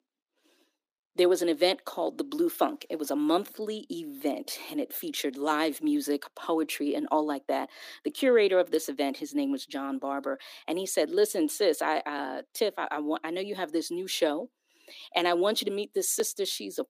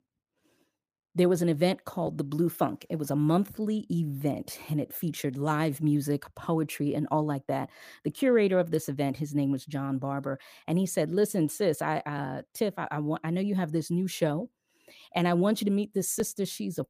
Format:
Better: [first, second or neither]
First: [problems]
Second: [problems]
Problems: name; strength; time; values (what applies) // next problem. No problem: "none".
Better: second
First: thin; somewhat; fading below 300 Hz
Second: none